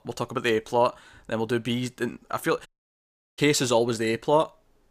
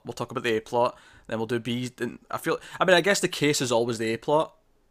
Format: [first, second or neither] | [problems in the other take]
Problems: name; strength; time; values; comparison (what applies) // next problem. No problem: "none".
second | audio cutting out; at 2.5 s for 0.5 s